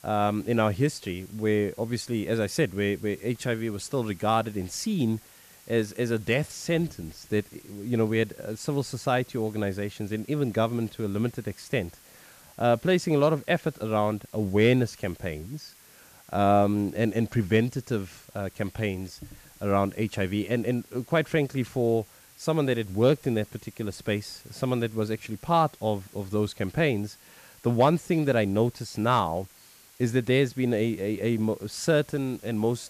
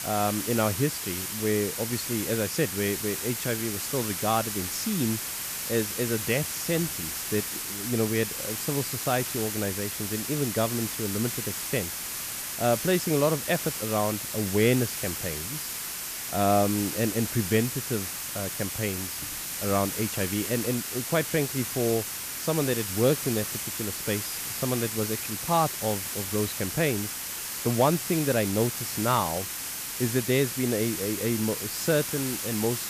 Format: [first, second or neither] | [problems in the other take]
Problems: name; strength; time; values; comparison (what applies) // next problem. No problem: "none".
first | hiss; loud; throughout; 2 dB below the speech; faint in the first